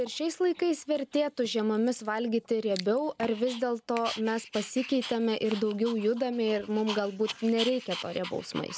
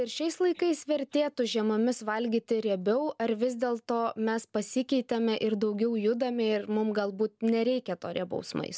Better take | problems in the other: second | background sound (Dog); 14 dB below the speech

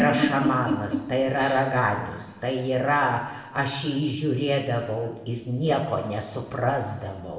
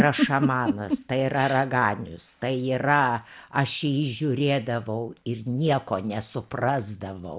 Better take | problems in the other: second | room echo; dies away in 1.1 s

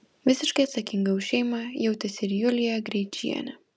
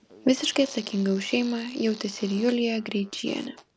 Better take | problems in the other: first | background sound (Fart); 20 dB below the speech

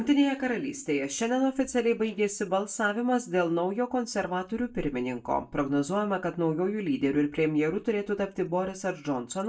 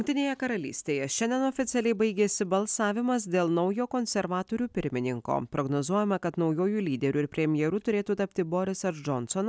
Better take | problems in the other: second | noise reduction (neural mask model DeepFilterNet 3)

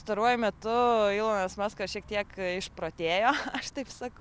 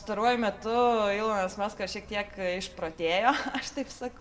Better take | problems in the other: first | room echo; dies away in 1.3 s

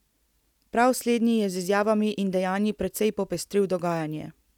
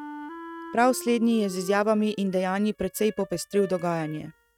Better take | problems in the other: first | noise reduction (neural mask model RNNoise)

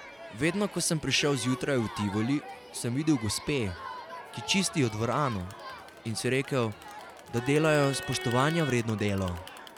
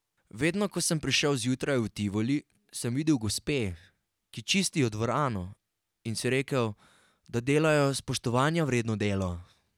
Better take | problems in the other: second | background sound (Crowd); 12 dB below the speech

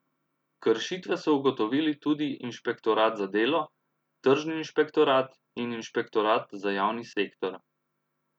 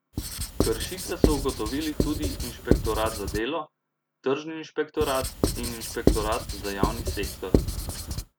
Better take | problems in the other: first | background sound (Writing); 4 dB above the speech

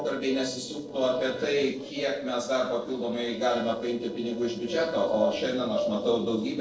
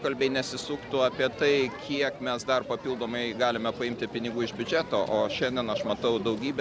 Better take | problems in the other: second | noise reduction (neural separator model SepFormer DNS4)

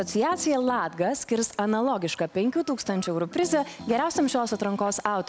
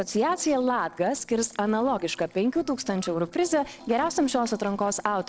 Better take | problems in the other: first | noise reduction (neural separator model SepFormer DNS4)

